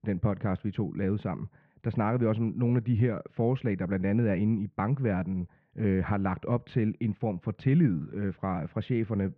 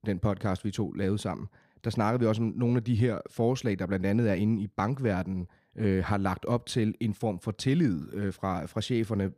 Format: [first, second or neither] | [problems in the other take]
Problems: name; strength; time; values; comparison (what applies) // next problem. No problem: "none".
second | muffled; very; fading above 2.5 kHz